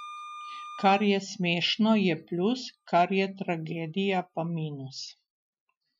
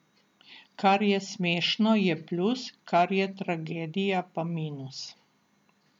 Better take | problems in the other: second | noise reduction (classical method Wiener filter)

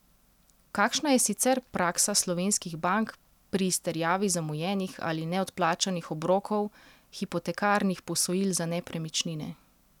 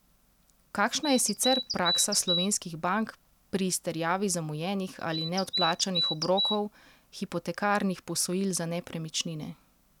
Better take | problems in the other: first | background sound (Bird vocalization, bird call, bird song); 1 dB below the speech

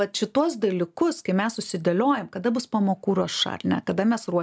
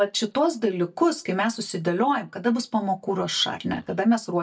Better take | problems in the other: first | noise reduction (neural mask model DeepFilterNet 3)

